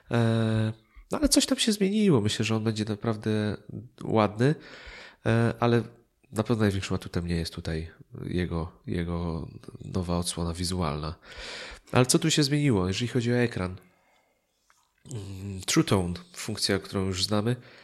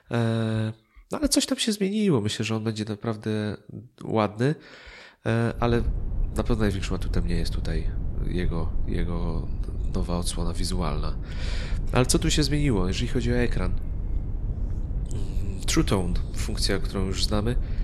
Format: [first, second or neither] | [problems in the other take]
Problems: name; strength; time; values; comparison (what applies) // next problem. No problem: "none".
first | low rumble; noticeable; from 5.5 s on; 15 dB below the speech